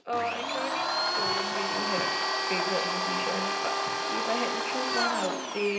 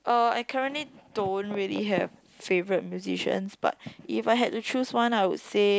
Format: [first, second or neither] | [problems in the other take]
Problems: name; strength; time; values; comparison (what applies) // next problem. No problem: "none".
second | background sound (Domestic sounds, home sounds); 4 dB above the speech // room echo; dies away in 0.9 s